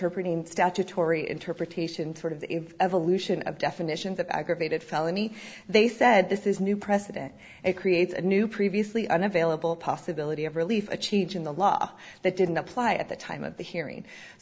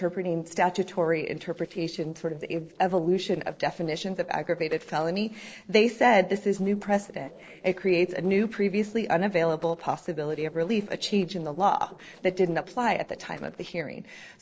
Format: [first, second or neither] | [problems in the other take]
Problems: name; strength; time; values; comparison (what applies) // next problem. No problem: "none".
first | noise reduction (neural separator model SepFormer DNS4)